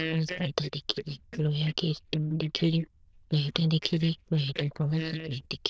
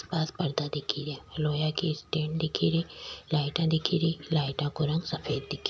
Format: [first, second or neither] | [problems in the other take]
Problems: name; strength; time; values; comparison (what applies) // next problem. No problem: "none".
second | noise reduction (neural diffusion model UNIVERSE++)